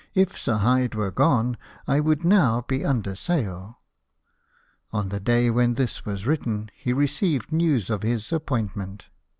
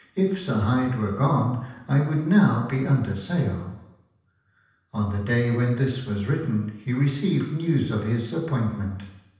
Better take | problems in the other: first | room echo; dies away in 0.9 s

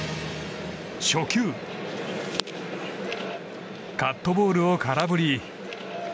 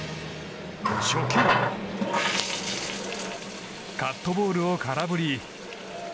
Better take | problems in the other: first | background sound (Water tap, faucet); as loud as the speech

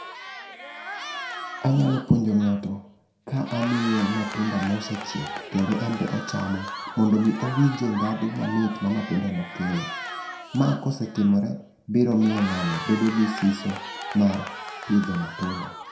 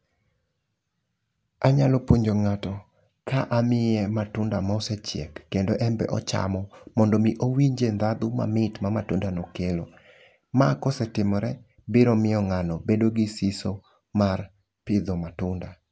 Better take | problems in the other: second | background sound (Cheering); 11 dB below the speech // room echo; dies away in 0.6 s

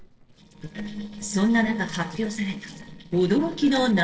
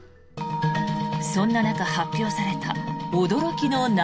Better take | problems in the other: second | noise reduction (neural separator model SepFormer DNS4)

